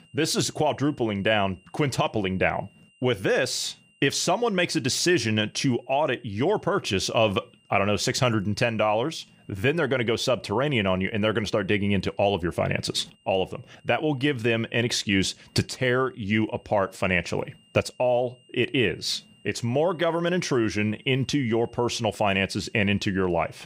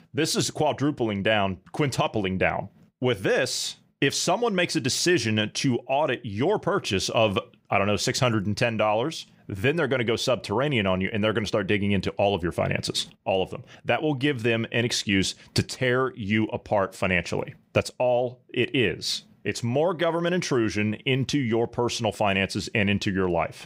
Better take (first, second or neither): second